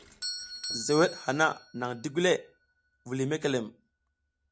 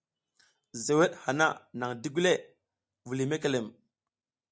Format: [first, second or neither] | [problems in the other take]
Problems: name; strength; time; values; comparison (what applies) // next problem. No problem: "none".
second | background sound (Doorbell); 13 dB below the speech